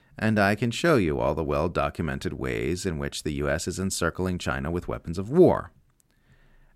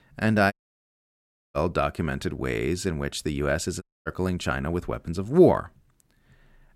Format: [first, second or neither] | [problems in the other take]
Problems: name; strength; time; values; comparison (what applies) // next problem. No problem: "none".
first | audio cutting out; at 0.5 s for 1 s and at 4 s